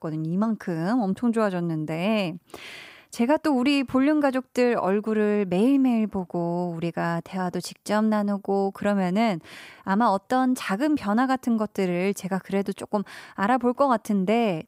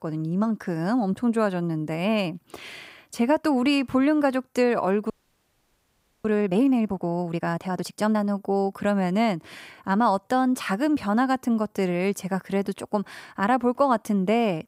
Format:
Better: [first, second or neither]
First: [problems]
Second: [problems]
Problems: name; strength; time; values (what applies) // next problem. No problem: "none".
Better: first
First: none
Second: audio freezing; at 5 s for 1 s